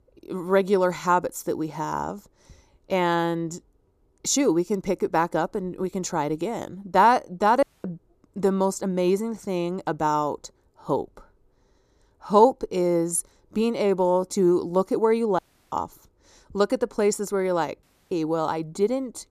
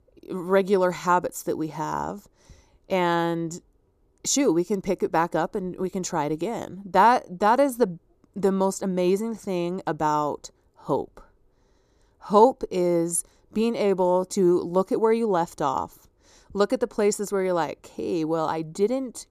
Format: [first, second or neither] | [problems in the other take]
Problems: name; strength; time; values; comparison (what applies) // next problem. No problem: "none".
second | audio cutting out; at 7.5 s, at 15 s and at 18 s